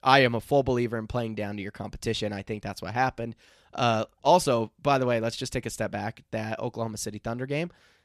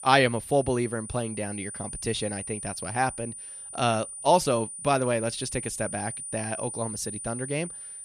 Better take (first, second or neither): first